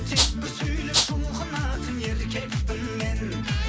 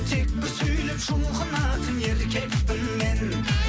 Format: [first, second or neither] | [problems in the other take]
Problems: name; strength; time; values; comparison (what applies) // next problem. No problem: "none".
second | background sound (Rattle (instrument)); 3 dB above the speech